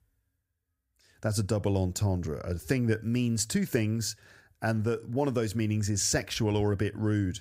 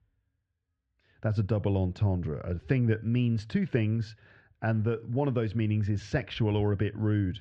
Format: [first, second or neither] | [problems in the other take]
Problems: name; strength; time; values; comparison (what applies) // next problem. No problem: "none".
first | muffled; very; fading above 3 kHz